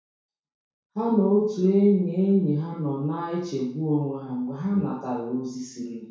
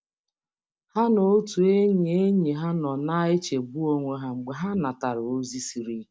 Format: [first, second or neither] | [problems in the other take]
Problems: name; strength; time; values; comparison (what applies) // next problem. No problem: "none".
second | room echo; dies away in 0.6 s